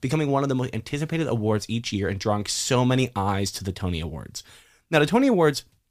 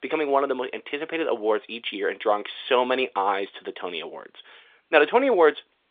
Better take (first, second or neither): first